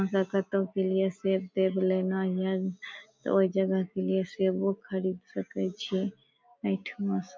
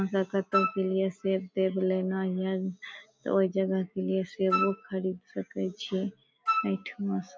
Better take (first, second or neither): first